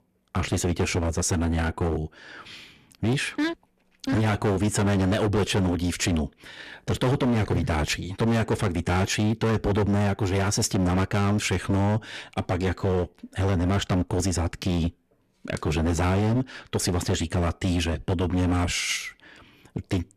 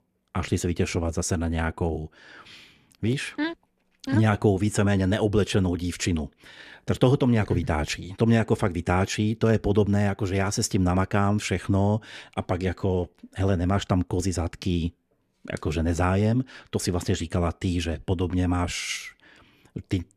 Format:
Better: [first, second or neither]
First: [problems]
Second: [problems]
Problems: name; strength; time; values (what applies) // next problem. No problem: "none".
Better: second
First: distortion; heavy; 18% of the sound clipped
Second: none